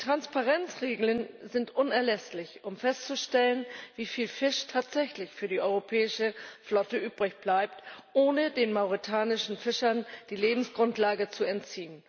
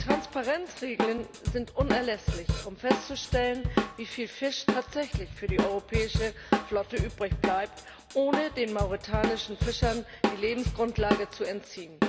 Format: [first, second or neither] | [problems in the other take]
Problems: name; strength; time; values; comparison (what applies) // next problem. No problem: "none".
first | background sound (Drum kit); as loud as the speech